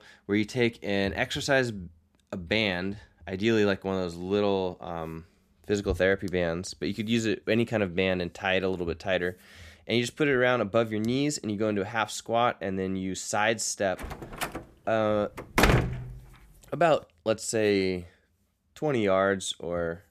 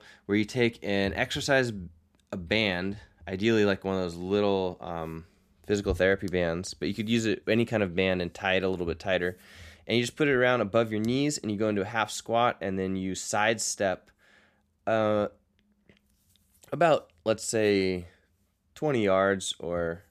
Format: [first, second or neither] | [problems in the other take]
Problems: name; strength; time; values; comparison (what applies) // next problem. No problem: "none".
second | door banging; loud; from 14 to 16 s; peak 5 dB above the speech